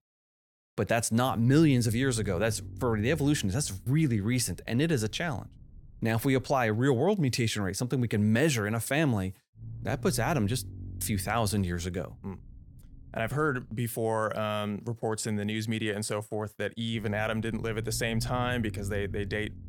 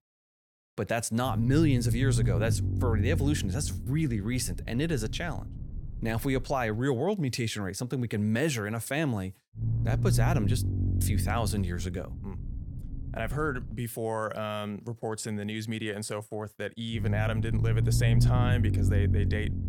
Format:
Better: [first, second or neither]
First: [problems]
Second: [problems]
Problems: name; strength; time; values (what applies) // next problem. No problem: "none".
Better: first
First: low rumble; faint; from 1.5 to 7 s, from 9.5 to 14 s and from 17 s on; 25 dB below the speech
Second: low rumble; loud; from 1.5 to 7 s, from 9.5 to 14 s and from 17 s on; 8 dB below the speech